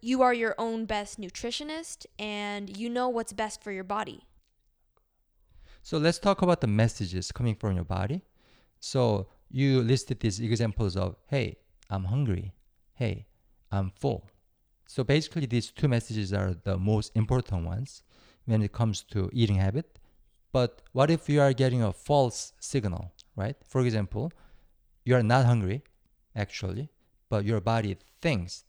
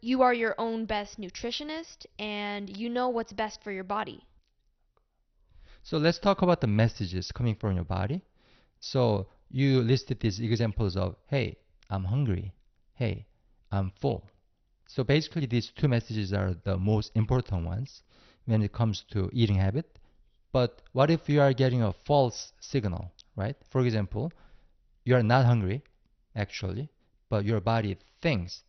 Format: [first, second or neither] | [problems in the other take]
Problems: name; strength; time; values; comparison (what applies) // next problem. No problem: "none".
first | garbled, watery; slightly; nothing above 6 kHz